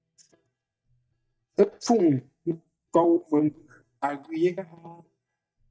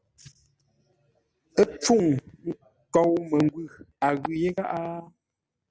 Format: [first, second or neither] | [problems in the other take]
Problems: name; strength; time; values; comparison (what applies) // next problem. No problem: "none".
second | noise reduction (neural mask model DeepFilterNet 3)